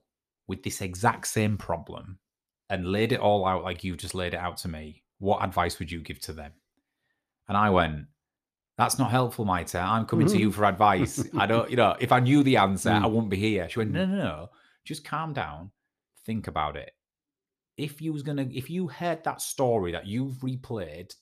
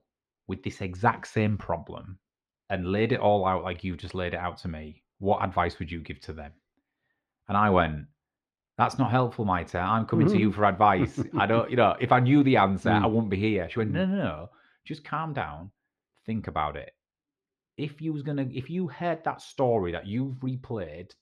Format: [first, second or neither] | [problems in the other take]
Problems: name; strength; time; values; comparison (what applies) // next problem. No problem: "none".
first | muffled; slightly; fading above 3 kHz